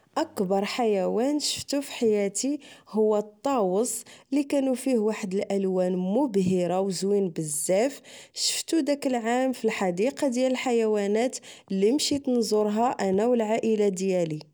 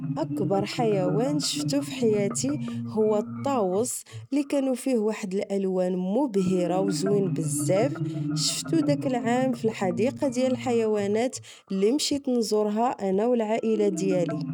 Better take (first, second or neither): first